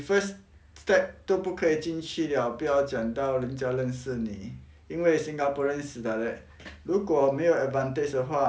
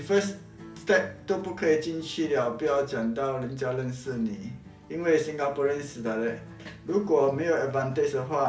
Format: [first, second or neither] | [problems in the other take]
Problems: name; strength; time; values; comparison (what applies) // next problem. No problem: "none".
first | background sound (Acoustic guitar); 20 dB below the speech // room echo; dies away in 0.5 s